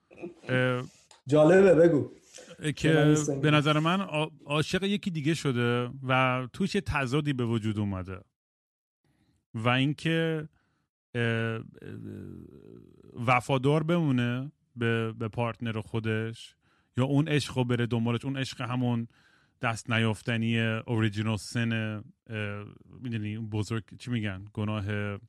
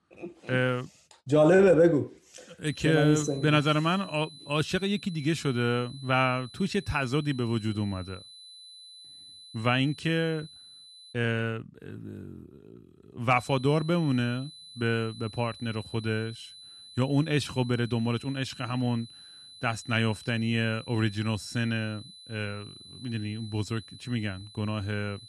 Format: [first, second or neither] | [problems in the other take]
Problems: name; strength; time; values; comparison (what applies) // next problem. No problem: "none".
first | high-pitched whine; noticeable; from 2.5 to 11 s and from 13 s on; 4 kHz, 20 dB below the speech